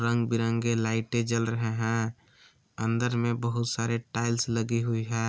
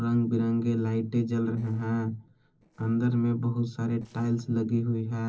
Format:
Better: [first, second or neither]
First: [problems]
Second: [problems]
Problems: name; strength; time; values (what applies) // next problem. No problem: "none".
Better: first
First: none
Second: noise reduction (neural separator model SepFormer DNS4)